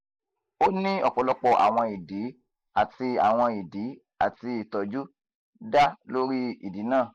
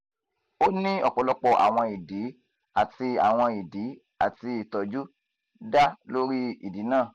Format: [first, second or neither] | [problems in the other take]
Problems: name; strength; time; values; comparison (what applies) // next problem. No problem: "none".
second | noise reduction (neural mask model Resemble Enhance denoiser)